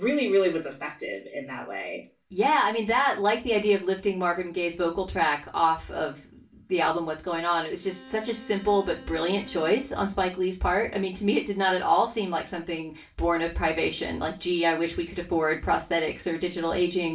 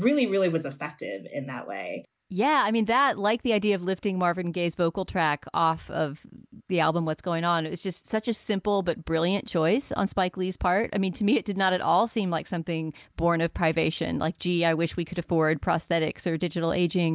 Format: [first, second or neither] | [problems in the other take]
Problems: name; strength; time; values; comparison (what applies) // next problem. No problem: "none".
second | background sound (Bowed string instrument); 20 dB below the speech // room echo; dies away in 0.3 s